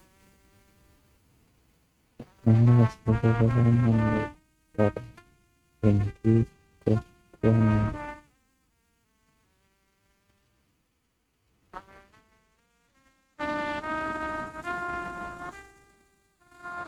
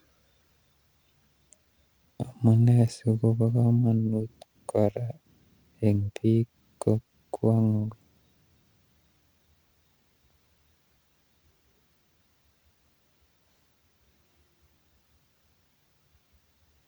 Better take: second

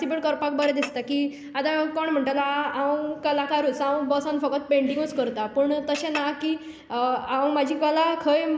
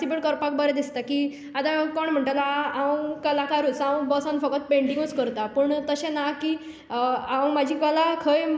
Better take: second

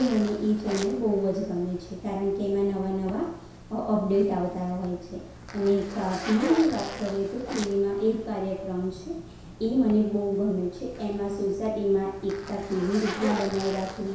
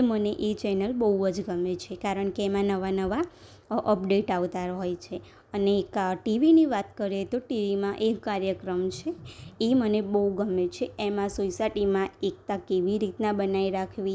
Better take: second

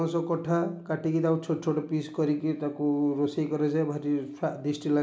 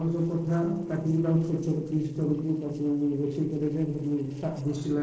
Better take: first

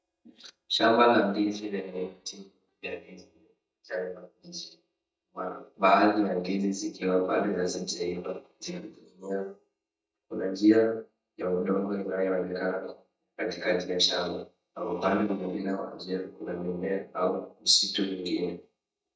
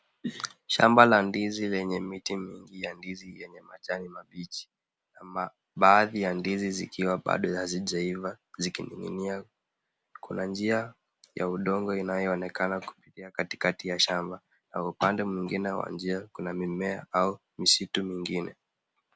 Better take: second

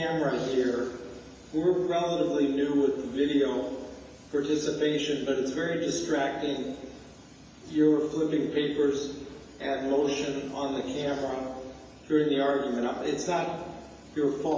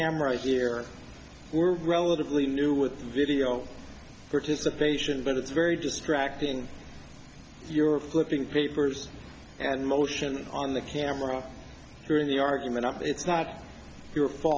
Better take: second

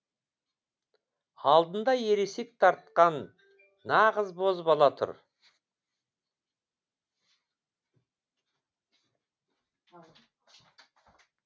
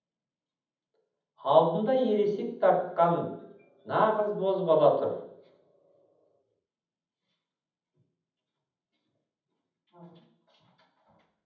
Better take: first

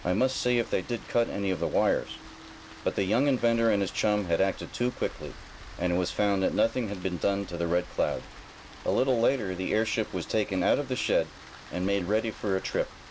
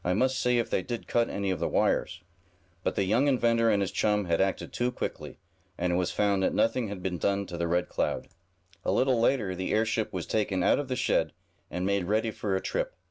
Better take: second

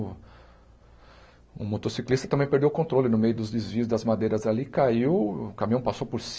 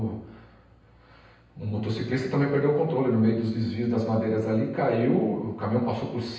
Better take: first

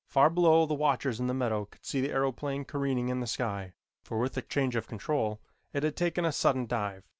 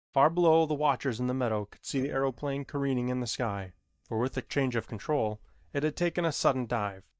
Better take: first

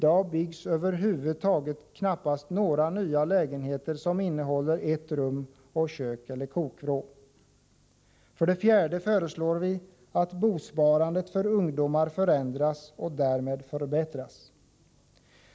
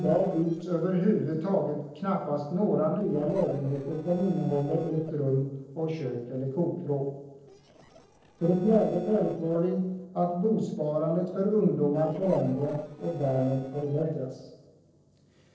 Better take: first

